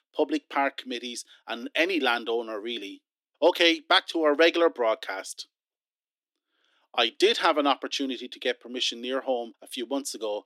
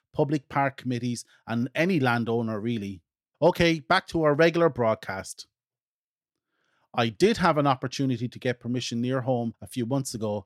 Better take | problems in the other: second | thin; somewhat; fading below 300 Hz

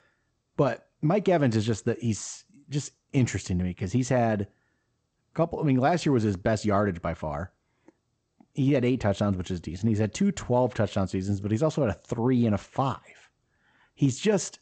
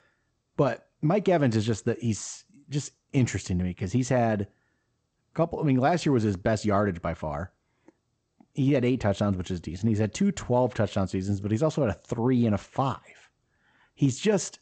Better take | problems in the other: neither | garbled, watery; slightly; nothing above 8 kHz; the same in both

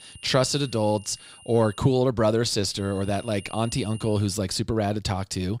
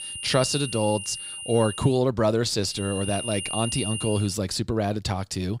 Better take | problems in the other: first | high-pitched whine; loud; until 2 s and from 2.5 to 4 s; 3 kHz, 7 dB below the speech; faint in the first

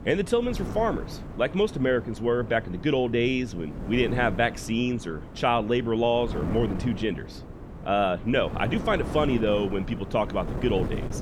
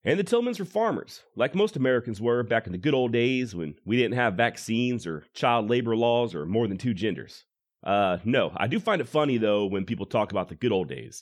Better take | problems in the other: second | wind noise on the microphone; occasional gusts; 15 dB below the speech

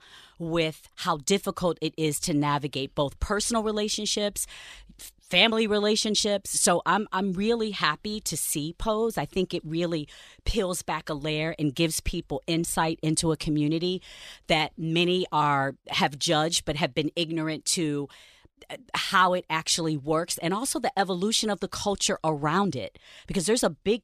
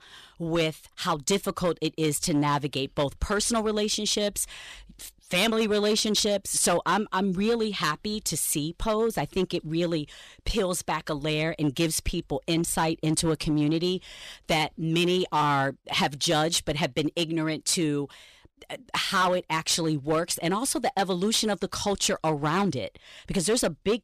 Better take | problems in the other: first | distortion; slight; 6% of the sound clipped

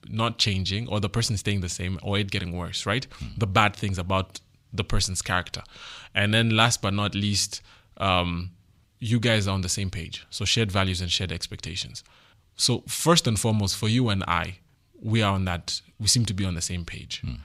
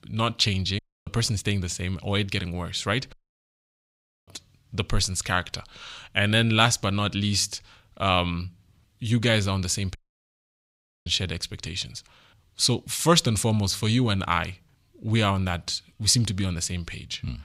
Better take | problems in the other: first | audio cutting out; at 1 s, at 3 s for 1 s and at 10 s for 1 s

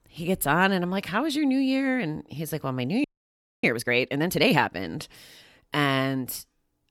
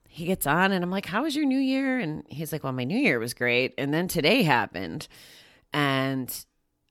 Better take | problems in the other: second | audio freezing; at 3 s for 0.5 s

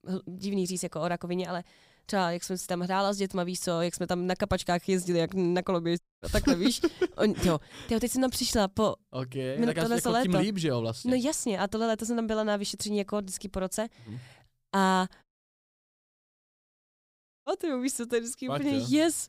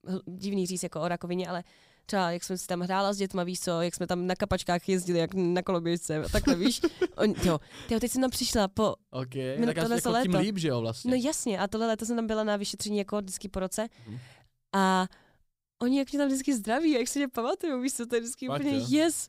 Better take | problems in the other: second | audio cutting out; at 6 s and at 15 s for 2 s

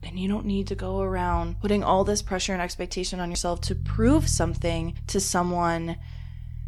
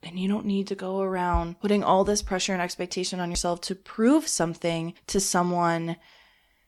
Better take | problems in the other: second | low rumble; faint; throughout; 20 dB below the speech

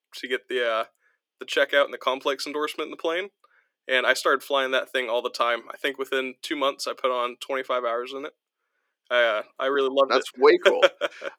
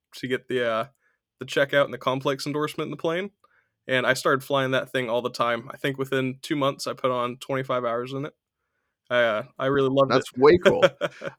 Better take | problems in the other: second | thin; somewhat; fading below 300 Hz

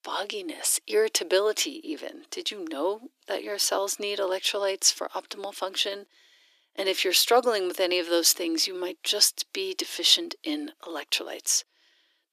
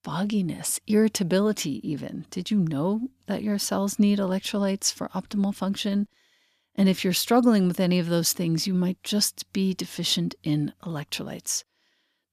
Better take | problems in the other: second | thin; very; fading below 300 Hz

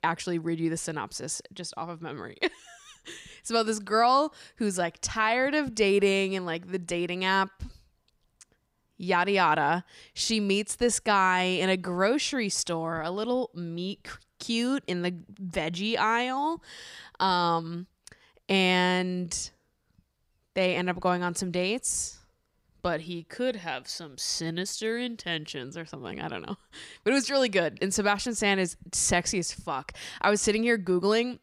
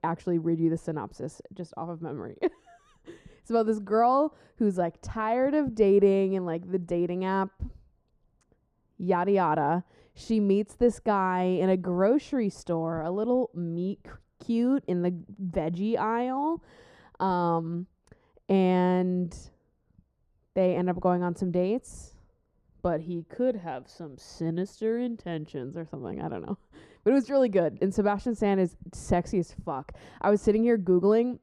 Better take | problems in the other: first | muffled; very; fading above 1.5 kHz

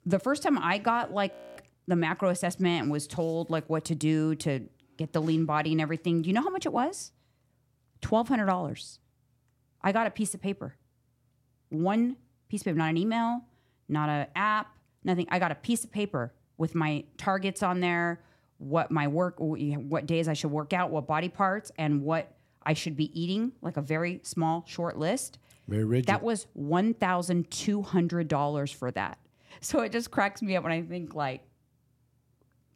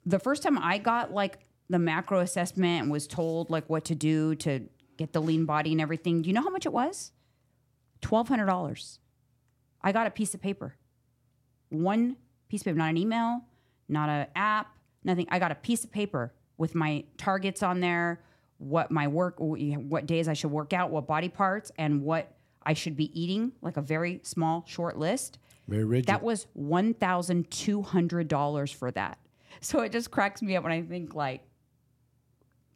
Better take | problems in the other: second | audio freezing; at 1.5 s

